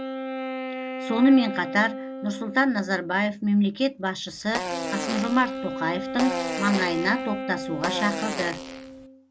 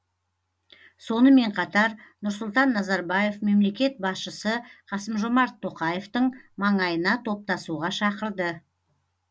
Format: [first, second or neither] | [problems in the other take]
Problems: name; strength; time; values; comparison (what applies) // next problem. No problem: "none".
second | background sound (Fart + Wind instrument, woodwind instrument); 6 dB below the speech